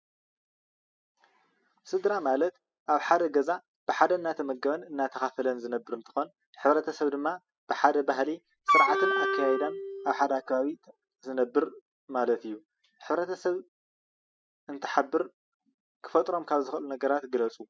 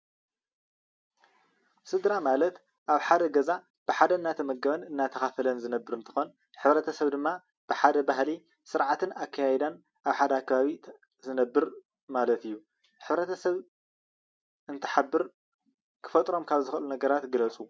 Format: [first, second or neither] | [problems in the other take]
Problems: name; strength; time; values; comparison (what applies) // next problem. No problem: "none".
second | noise reduction (classical method spectral subtraction)